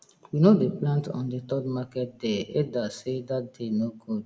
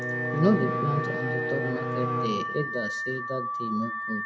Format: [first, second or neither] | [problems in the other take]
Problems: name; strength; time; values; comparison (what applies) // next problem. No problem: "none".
first | background sound (Bowed string instrument + Alarm / Car); as loud as the speech